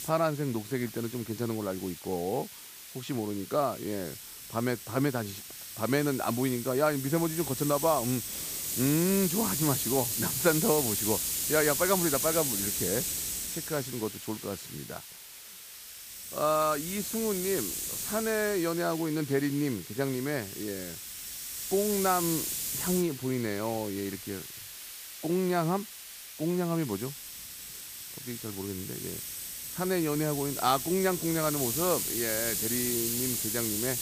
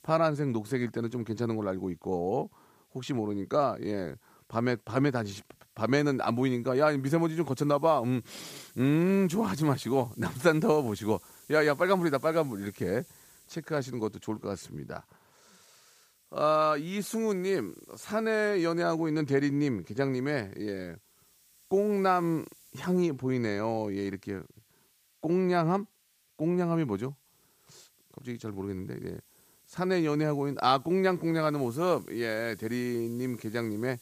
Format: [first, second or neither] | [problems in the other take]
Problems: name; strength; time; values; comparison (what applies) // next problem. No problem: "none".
second | hiss; loud; throughout; 2 dB below the speech; faint in the second